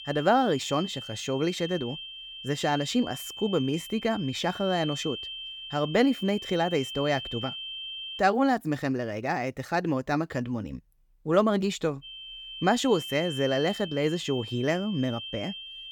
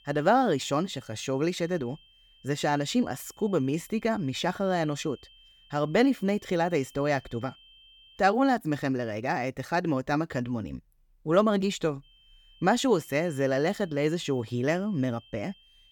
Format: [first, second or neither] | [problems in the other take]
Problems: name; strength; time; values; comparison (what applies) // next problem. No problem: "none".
second | high-pitched whine; loud; until 8 s and from 12 s on; 3 kHz, 9 dB below the speech; faint in the second